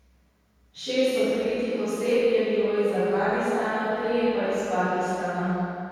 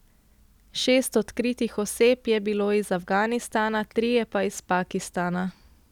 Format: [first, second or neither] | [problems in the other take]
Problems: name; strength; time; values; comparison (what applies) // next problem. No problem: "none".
second | room echo; dies away in 2.2 s